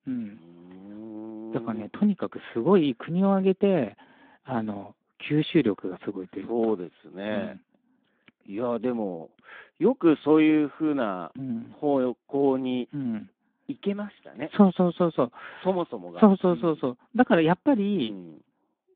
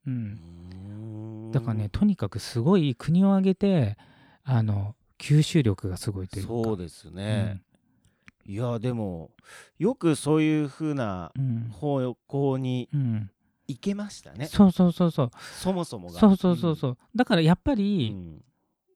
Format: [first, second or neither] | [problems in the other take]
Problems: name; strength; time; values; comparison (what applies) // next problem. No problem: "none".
second | phone-call audio; nothing above 3.5 kHz